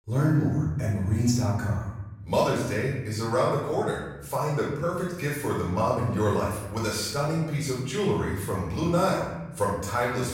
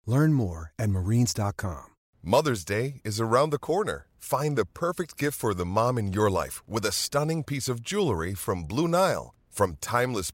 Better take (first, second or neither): second